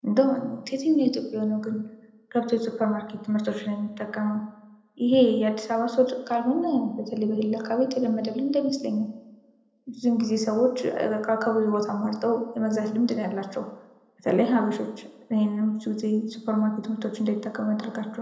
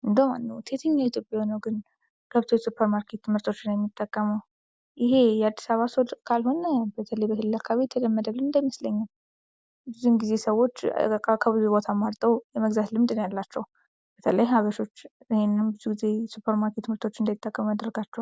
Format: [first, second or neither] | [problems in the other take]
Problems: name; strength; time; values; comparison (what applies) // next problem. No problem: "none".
second | room echo; dies away in 0.7 s